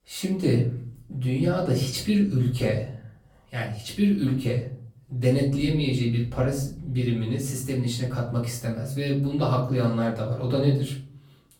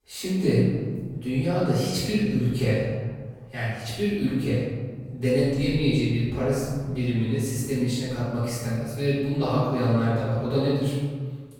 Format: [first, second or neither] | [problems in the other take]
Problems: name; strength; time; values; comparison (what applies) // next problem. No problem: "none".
first | room echo; strong; dies away in 1.5 s; slight in the first // off-mic speech; far; far in the first